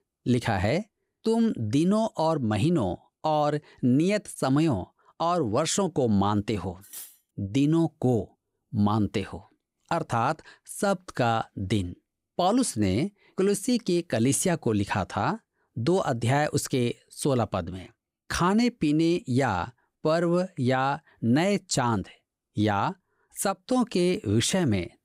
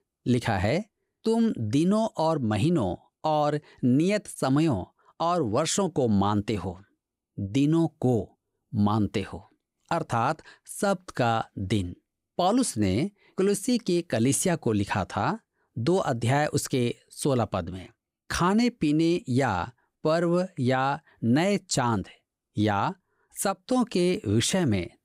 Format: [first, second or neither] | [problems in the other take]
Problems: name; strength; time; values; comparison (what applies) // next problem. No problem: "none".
second | clattering dishes; faint; at 7 s; peak 15 dB below the speech